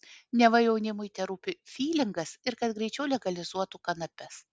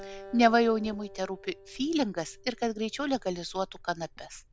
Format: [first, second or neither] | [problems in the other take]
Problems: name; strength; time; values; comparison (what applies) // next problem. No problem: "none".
first | background sound (Acoustic guitar + Liquid); 19 dB below the speech